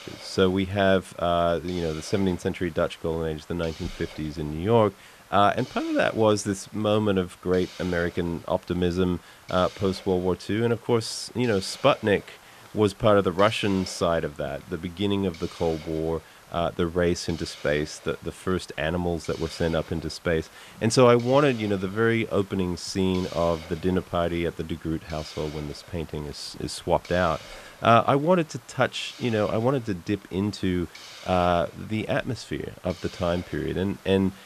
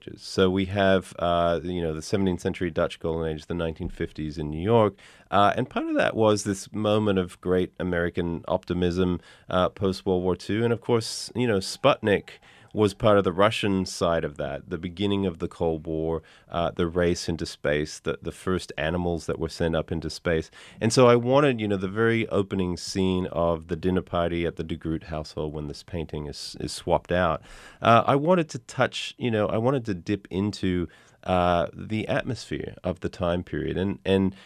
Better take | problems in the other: second | hiss; noticeable; throughout; 20 dB below the speech

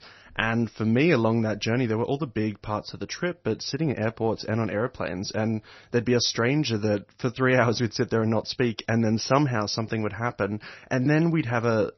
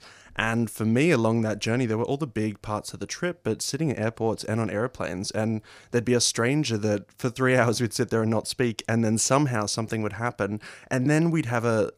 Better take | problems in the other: second | garbled, watery; slightly; nothing above 6 kHz

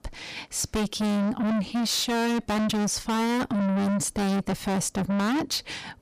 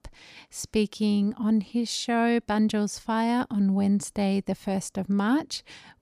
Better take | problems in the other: second | distortion; heavy; 6 dB below the speech

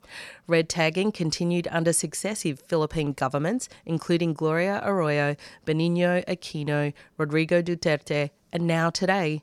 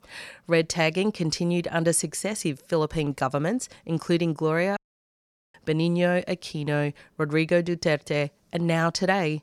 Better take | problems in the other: first | audio cutting out; at 5 s for 1 s

